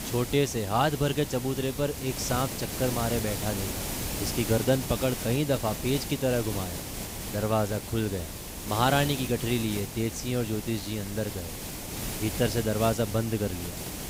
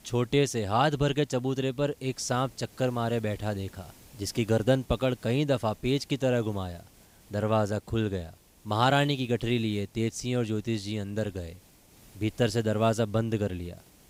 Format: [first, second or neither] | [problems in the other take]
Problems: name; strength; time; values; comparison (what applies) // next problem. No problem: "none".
second | hiss; loud; throughout; 6 dB below the speech; faint in the second